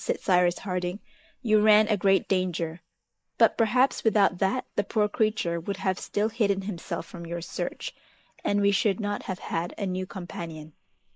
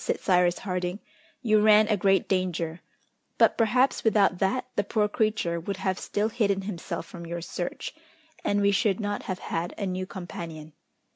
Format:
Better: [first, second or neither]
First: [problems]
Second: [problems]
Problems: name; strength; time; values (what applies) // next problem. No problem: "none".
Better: second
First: noise reduction (neural mask model Resemble Enhance denoiser)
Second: none